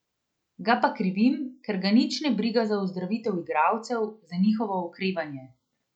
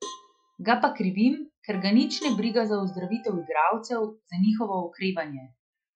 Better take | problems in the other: first | noise reduction (classical method Wiener filter)

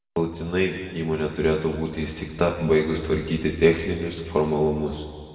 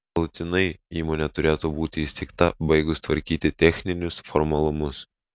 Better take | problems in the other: second | room echo; dies away in 2 s

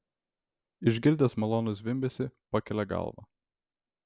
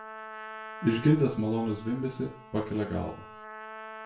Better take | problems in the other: first | background sound (Trumpet); 14 dB below the speech // room echo; dies away in 0.4 s

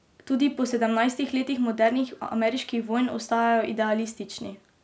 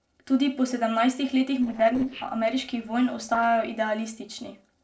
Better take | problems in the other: first | noise reduction (neural separator model SepFormer DNS4)

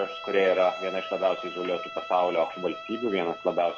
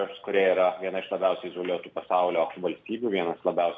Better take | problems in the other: second | background sound (Bowed string instrument); 12 dB below the speech

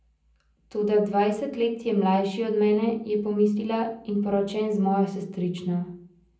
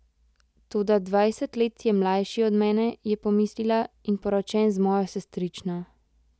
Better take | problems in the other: second | room echo; dies away in 0.6 s

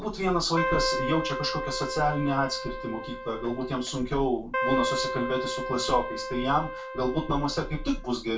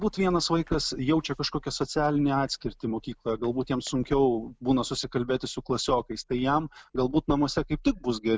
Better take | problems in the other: second | background sound (Keyboard (musical)); 4 dB below the speech // room echo; dies away in 0.3 s

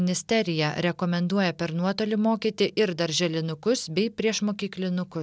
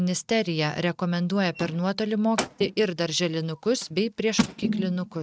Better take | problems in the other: first | noise reduction (neural mask model RNNoise)

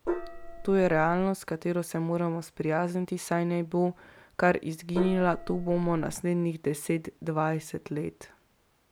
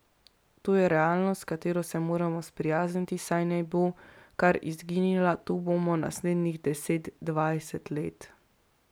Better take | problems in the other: second | background sound (Gong); 7 dB below the speech

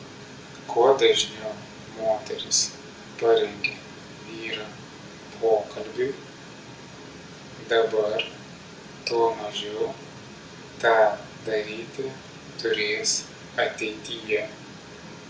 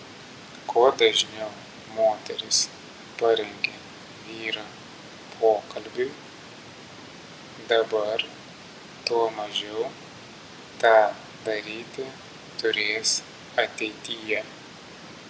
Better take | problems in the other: second | room echo; dies away in 0.3 s

